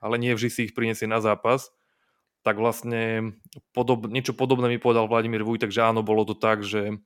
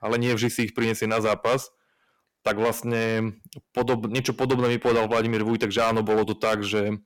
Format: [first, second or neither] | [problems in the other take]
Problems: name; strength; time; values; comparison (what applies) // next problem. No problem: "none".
first | distortion; heavy; 7% of the sound clipped